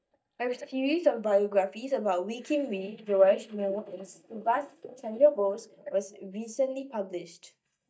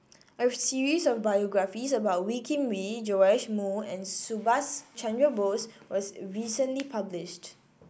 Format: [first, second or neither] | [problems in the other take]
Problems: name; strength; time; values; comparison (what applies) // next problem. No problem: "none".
second | noise reduction (neural mask model DeepFilterNet 3)